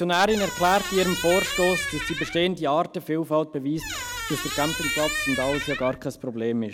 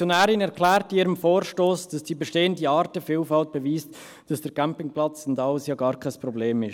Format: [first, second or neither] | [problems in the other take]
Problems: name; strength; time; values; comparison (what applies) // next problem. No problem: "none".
second | background sound (Squeak); 5 dB below the speech